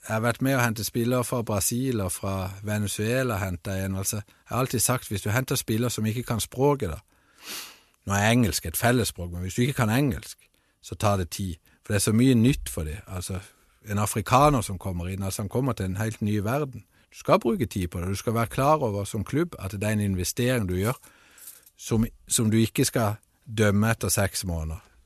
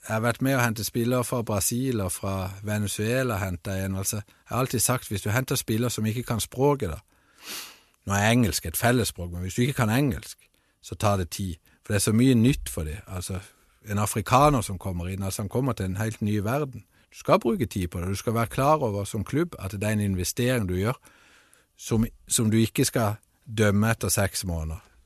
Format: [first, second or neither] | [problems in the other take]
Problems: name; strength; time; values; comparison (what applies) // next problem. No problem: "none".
second | clattering dishes; faint; at 21 s; peak 15 dB below the speech